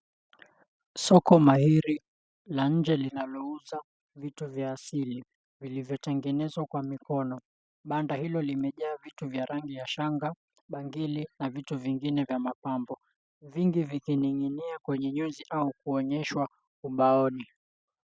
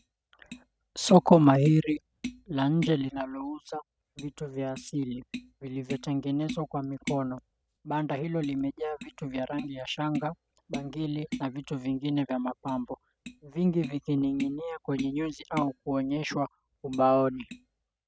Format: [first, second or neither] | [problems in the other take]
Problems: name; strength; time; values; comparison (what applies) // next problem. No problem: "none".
first | noise reduction (neural mask model RNNoise)